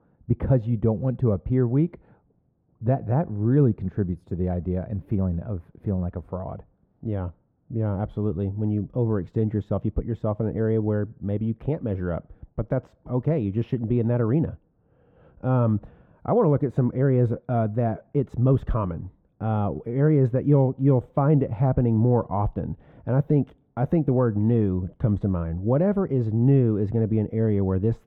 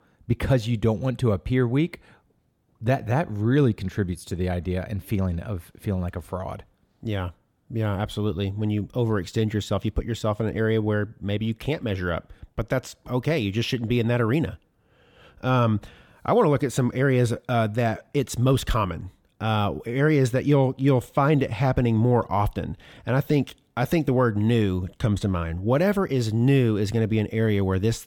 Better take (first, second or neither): second